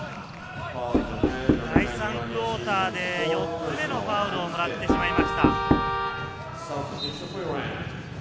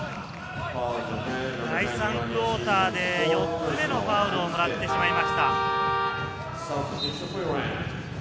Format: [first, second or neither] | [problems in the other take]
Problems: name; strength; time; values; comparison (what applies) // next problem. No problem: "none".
second | background sound (Knock); 2 dB below the speech